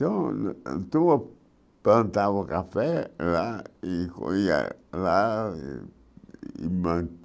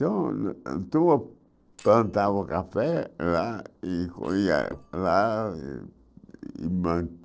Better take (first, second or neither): first